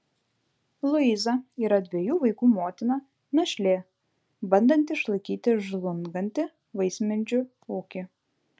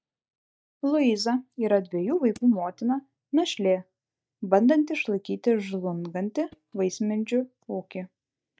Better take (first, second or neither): first